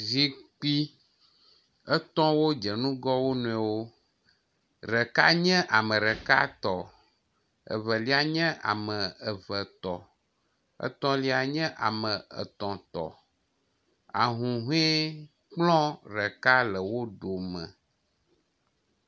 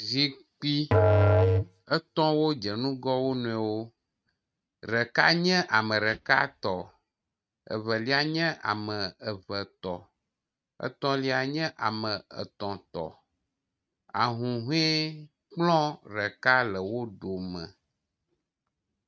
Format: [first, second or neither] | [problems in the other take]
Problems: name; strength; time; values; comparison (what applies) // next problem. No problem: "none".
first | noise reduction (neural mask model RNNoise)